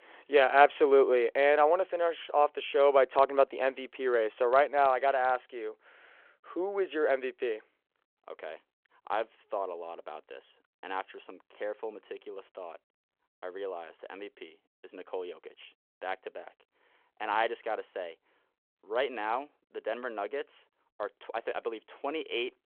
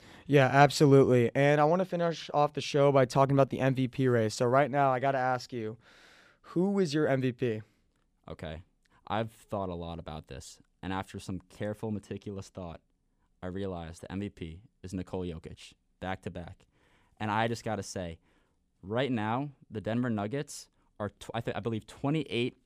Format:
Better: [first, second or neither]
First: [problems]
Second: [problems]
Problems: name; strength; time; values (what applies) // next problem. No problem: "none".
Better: second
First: phone-call audio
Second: none